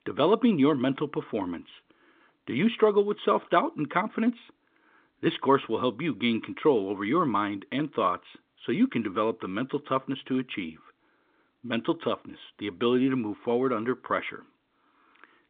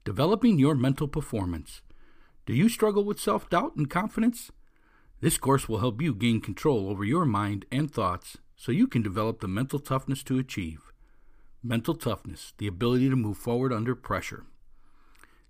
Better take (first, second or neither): second